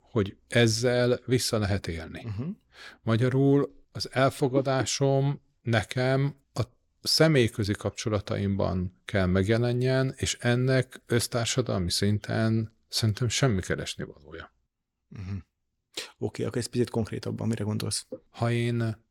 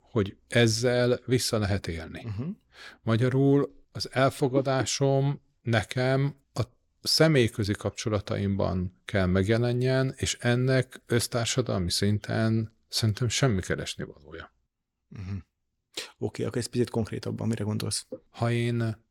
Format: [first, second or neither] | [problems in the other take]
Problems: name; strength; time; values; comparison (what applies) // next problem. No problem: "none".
neither | none